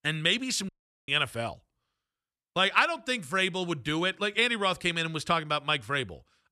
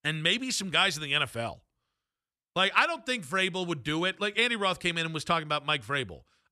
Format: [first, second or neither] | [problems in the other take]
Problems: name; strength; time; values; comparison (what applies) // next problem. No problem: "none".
second | audio cutting out; at 0.5 s